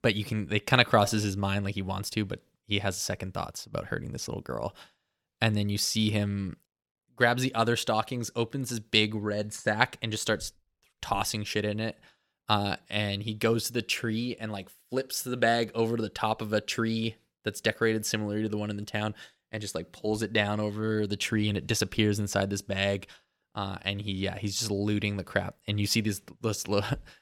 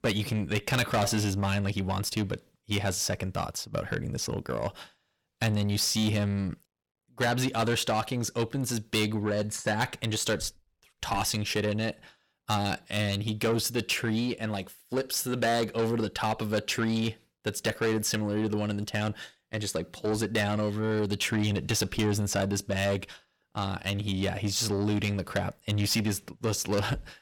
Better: first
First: none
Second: distortion; heavy; 8 dB below the speech

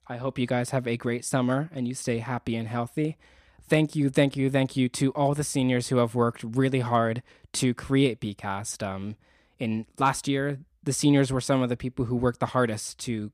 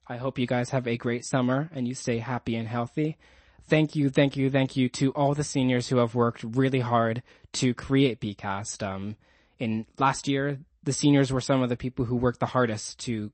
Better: first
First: none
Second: garbled, watery; slightly; nothing above 8 kHz

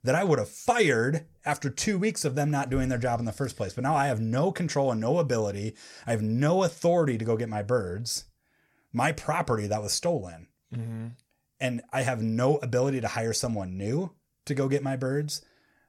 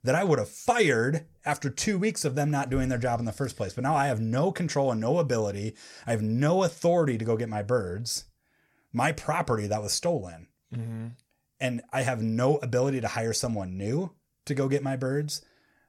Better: neither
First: none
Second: none

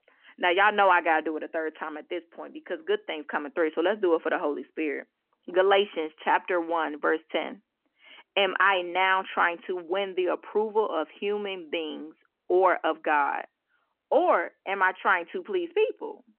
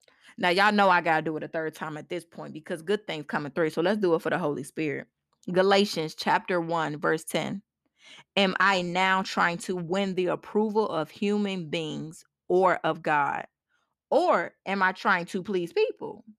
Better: second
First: phone-call audio; nothing above 3 kHz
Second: none

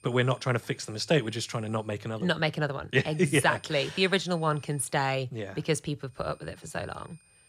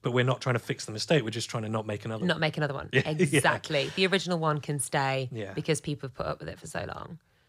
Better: second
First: high-pitched whine; faint; until 2 s, from 3 to 5 s and from 6 s on; 9 kHz, 30 dB below the speech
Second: none

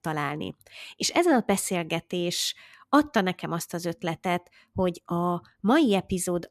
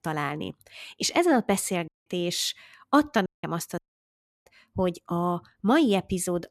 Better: first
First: none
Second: audio cutting out; at 2 s, at 3.5 s and at 4 s for 0.5 s

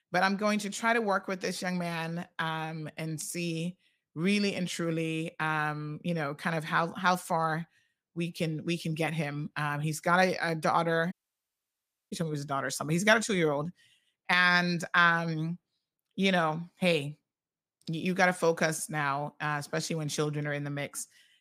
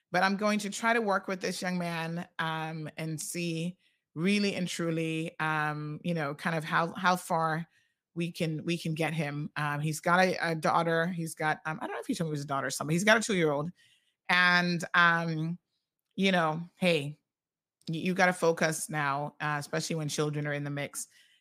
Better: second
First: audio cutting out; at 11 s for 1 s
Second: none

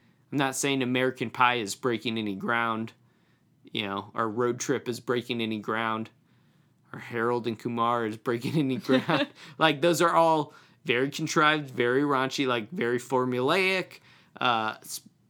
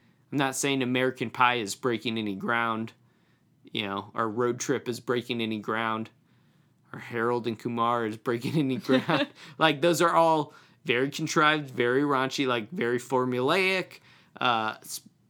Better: neither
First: none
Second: none

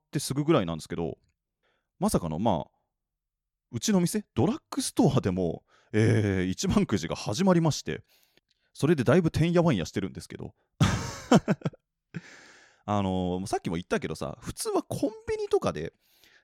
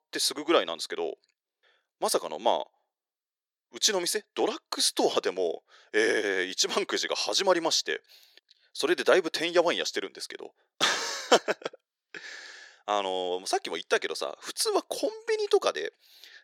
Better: first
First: none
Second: thin; very; fading below 400 Hz

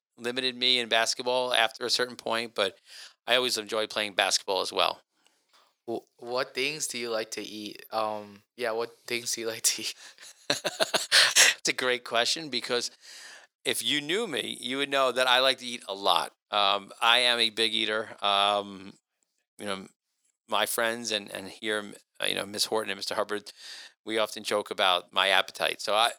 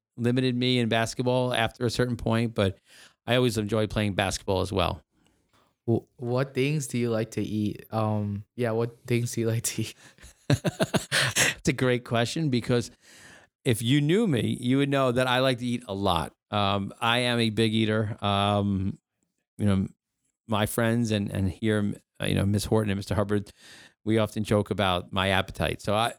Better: second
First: thin; very; fading below 600 Hz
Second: none

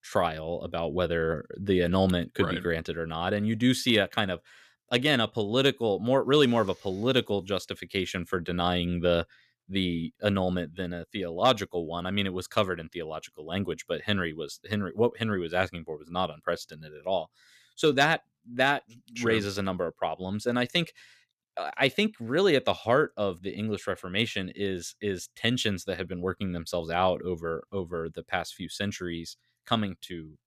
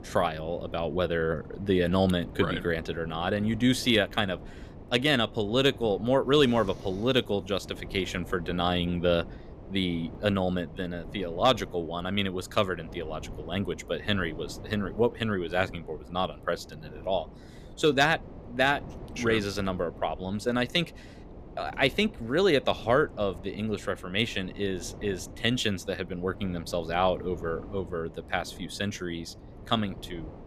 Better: first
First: none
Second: wind noise on the microphone; occasional gusts; 20 dB below the speech

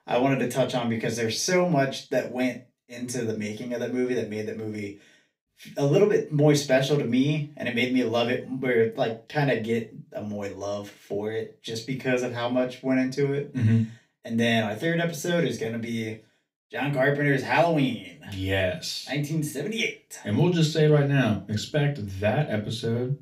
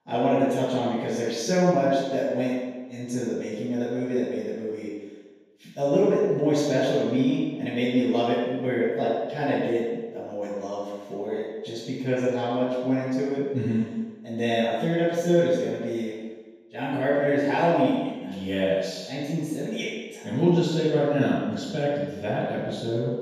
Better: first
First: room echo; slight; dies away in 0.3 s // off-mic speech; far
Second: room echo; strong; dies away in 1.2 s // off-mic speech; far

